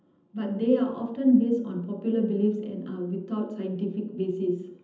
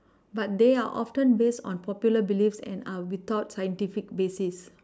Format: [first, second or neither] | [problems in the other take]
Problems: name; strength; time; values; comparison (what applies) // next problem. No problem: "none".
second | room echo; dies away in 0.8 s